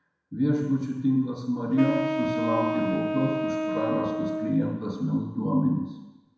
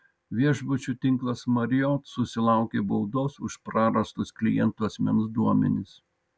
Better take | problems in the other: second | background sound (Wind instrument, woodwind instrument); 2 dB below the speech // room echo; dies away in 1 s

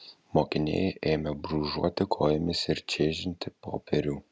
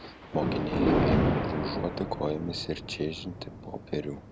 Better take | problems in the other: first | background sound (Thunder); 4 dB above the speech

